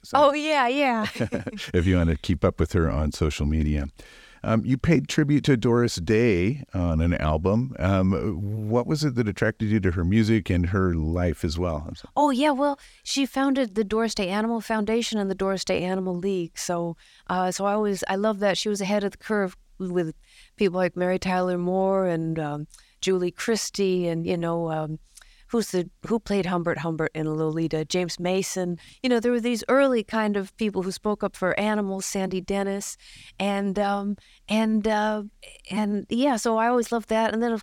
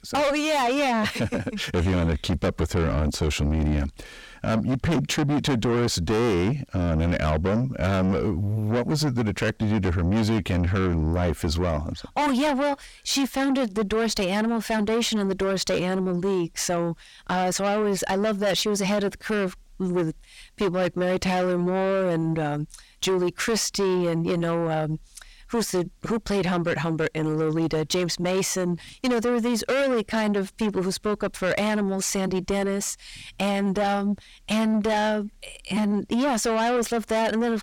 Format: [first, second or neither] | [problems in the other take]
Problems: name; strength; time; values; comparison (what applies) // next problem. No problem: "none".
first | distortion; heavy; 7 dB below the speech